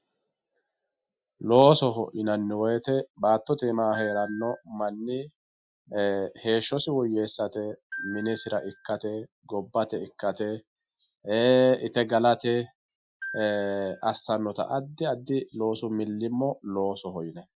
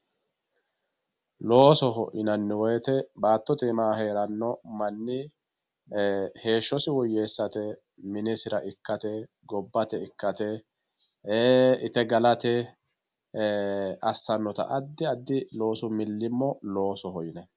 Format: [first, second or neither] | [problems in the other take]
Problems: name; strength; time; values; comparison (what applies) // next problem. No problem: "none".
second | noise reduction (classical method Wiener filter)